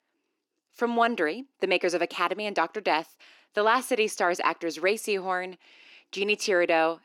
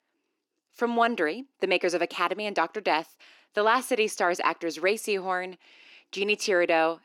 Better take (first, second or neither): neither